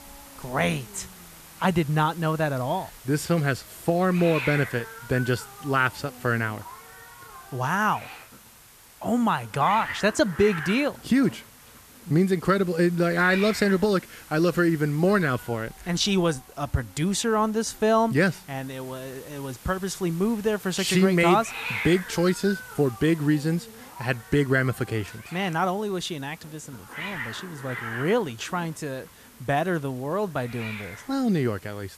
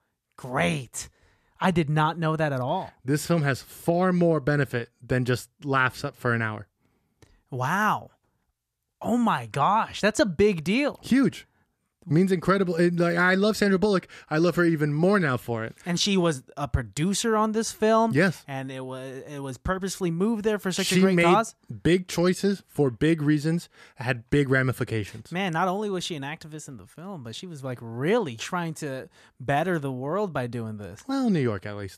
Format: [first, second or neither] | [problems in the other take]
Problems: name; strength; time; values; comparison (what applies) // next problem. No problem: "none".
second | hiss; noticeable; throughout; 15 dB below the speech